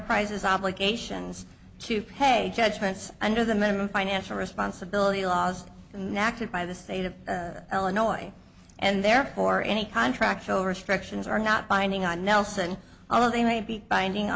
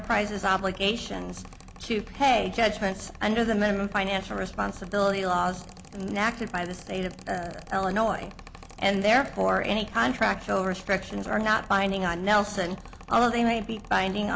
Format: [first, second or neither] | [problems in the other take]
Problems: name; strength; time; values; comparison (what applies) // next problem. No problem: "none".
first | background sound (Mechanical fan); 18 dB below the speech